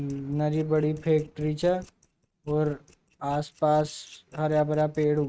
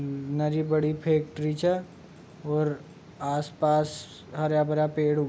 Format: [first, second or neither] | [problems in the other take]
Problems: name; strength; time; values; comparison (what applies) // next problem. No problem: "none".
second | noise reduction (neural mask model RNNoise)